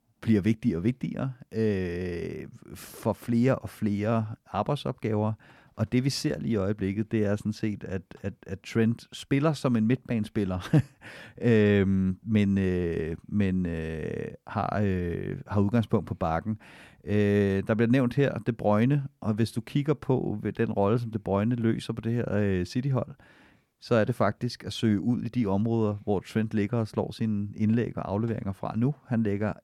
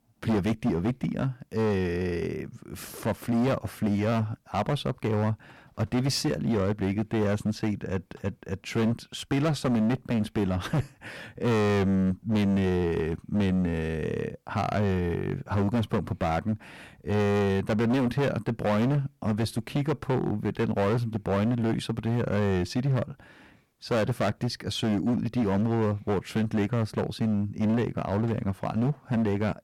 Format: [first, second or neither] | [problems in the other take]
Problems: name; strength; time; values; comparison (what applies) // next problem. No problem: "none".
first | distortion; heavy; 16% of the sound clipped